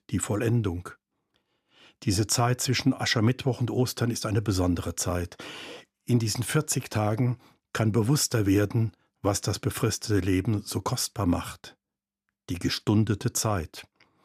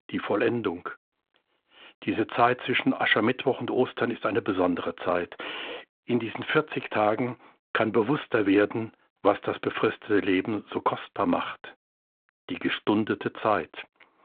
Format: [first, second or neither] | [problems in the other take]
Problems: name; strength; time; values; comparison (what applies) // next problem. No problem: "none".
first | phone-call audio